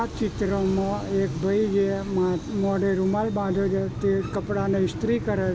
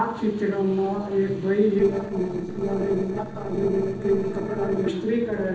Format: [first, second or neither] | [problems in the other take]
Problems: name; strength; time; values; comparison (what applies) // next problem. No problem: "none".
first | noise reduction (neural separator model SepFormer DNS4)